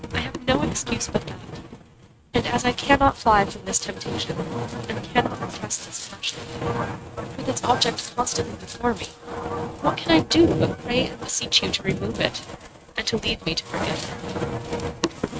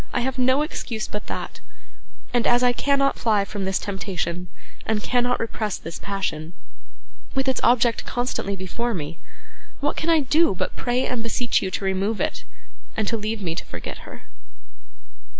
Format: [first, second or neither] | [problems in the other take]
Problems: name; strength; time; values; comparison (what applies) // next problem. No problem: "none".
second | noise reduction (neural mask model RNNoise)